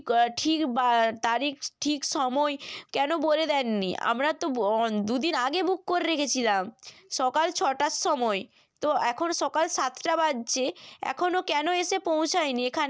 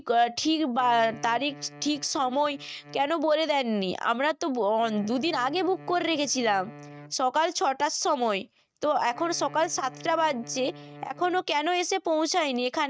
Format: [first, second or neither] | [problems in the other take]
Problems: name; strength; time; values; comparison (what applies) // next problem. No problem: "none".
first | noise reduction (neural mask model RNNoise)